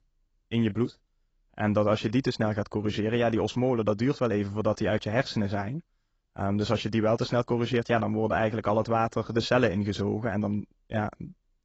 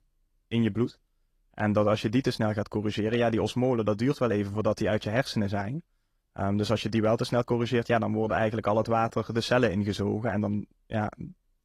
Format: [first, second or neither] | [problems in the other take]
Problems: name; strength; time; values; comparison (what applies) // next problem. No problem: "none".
second | garbled, watery; badly; nothing above 7.5 kHz; slightly in the second